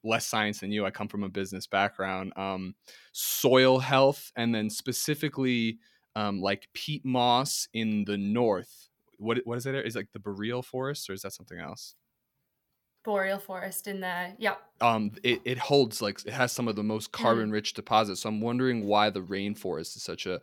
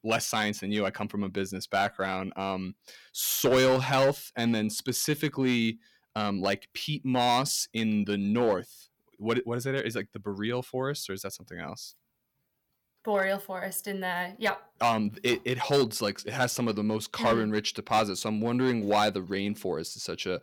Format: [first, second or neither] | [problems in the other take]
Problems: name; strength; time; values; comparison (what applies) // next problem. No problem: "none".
first | distortion; slight; 2% of the sound clipped